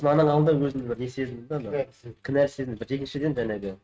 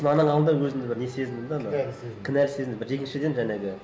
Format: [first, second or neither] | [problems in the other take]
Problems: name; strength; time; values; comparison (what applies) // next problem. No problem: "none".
second | noise reduction (neural mask model RNNoise)